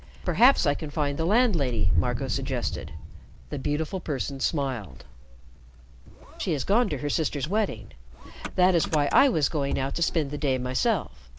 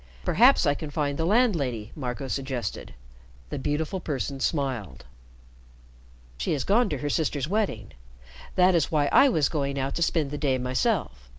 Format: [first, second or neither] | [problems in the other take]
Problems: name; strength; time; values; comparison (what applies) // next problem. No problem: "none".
second | background sound (Engine starting / Motor vehicle (road)); 5 dB below the speech